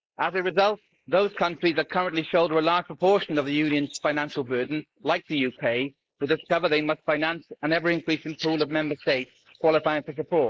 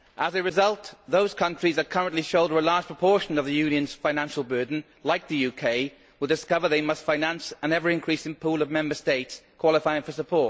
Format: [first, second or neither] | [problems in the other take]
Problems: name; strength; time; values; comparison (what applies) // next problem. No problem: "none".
second | noise reduction (neural mask model Resemble Enhance denoiser)